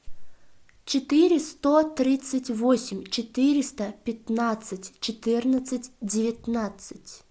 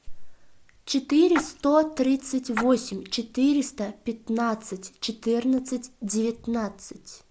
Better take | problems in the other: first | background sound (Splash, splatter); 12 dB below the speech

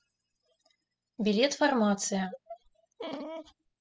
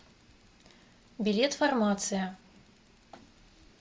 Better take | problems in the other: second | noise reduction (classical method spectral subtraction)

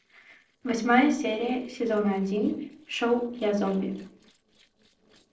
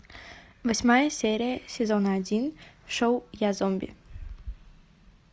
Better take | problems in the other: second | noise reduction (neural separator model SepFormer DNS4)

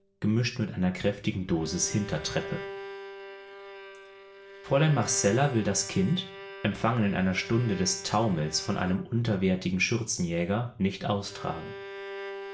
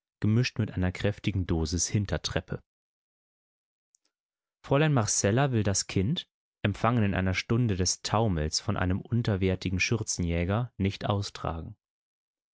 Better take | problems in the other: second | background sound (Bowed string instrument); 15 dB below the speech // room echo; dies away in 0.4 s

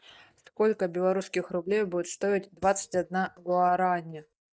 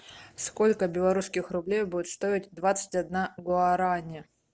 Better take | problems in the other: second | noise reduction (neural mask model DeepFilterNet 3)

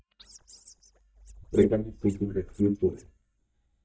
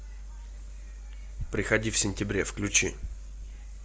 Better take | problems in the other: second | noise reduction (neural mask model DeepFilterNet 3)

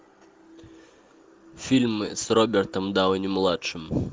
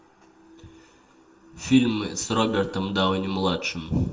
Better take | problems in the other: first | room echo; dies away in 0.5 s

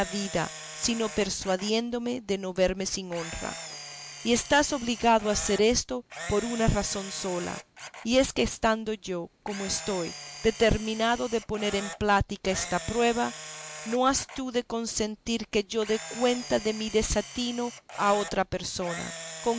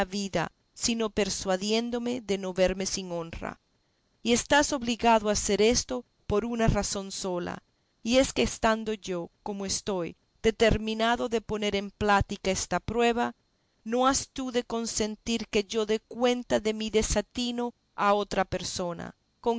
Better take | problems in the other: second | background sound (Camera); 14 dB below the speech

